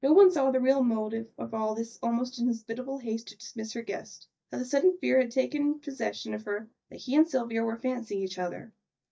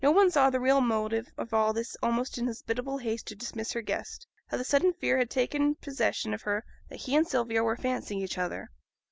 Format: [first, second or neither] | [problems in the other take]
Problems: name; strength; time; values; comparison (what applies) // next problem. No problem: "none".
second | noise reduction (neural mask model DeepFilterNet 3)